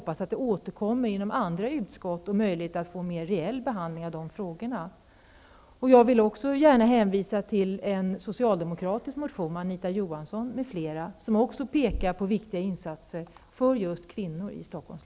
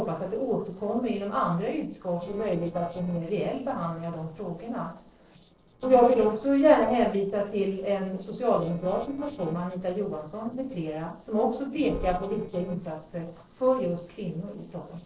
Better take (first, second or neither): first